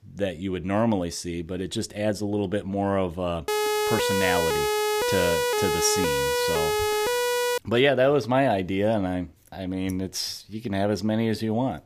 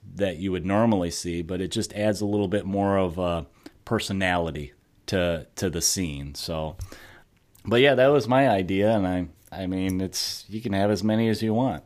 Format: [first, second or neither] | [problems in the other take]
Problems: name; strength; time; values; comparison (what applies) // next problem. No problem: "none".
second | siren; loud; from 3.5 to 7.5 s; peak 2 dB above the speech